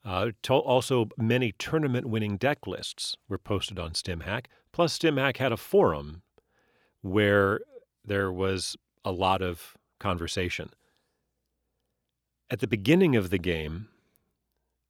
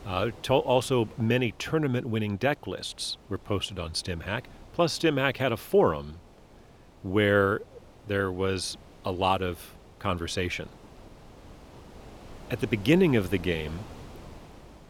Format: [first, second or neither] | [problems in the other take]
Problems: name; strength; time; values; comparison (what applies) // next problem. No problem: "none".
first | wind noise on the microphone; occasional gusts; 25 dB below the speech